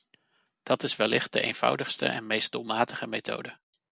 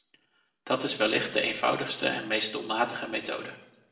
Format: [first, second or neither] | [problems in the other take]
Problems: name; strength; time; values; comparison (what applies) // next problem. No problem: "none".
first | room echo; dies away in 0.8 s